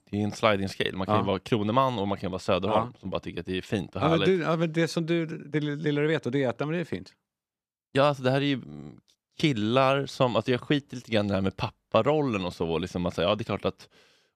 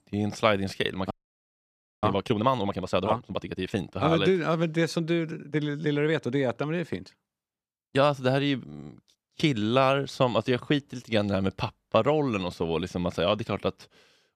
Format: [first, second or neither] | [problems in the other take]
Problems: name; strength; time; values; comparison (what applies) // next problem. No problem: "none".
first | audio freezing; at 1 s for 1 s